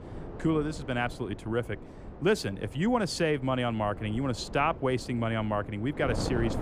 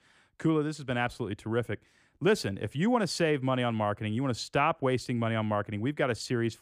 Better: second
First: wind noise on the microphone; occasional gusts; 15 dB below the speech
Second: none

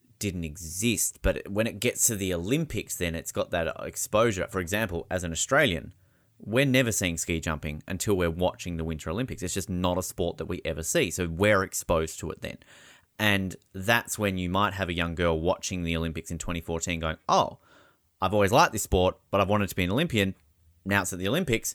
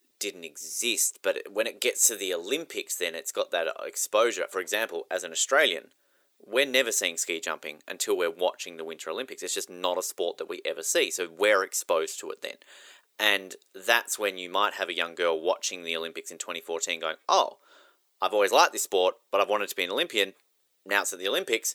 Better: first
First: none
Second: thin; very; fading below 400 Hz

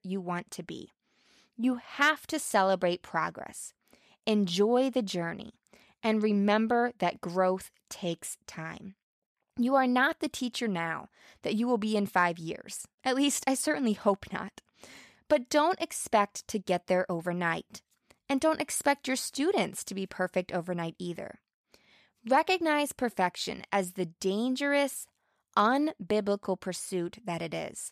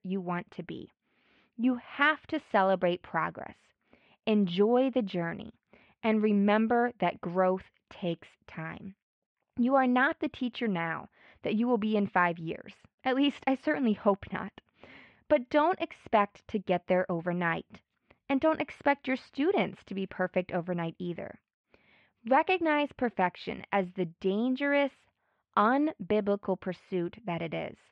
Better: first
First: none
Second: muffled; very; fading above 3 kHz

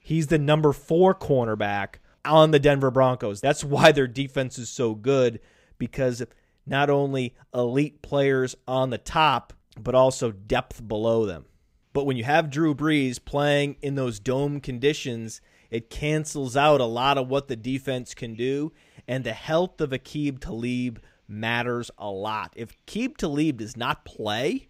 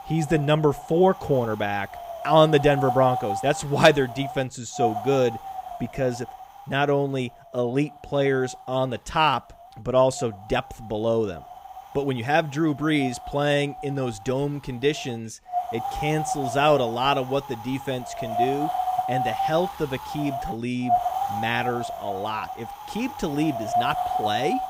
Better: first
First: none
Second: wind noise on the microphone; heavy; 4 dB below the speech

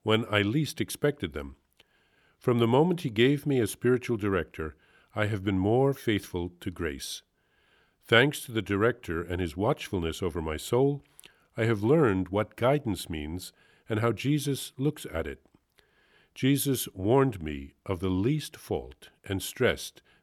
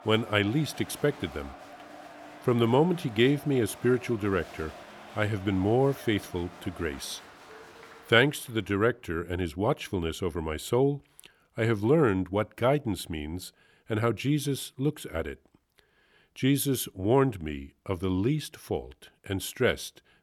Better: first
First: none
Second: crowd noise; noticeable; until 8.5 s; 20 dB below the speech

